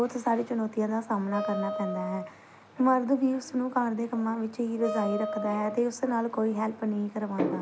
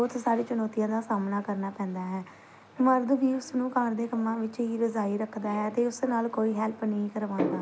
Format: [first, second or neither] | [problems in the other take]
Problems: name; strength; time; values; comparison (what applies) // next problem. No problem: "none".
second | background sound (Wind instrument, woodwind instrument); 6 dB below the speech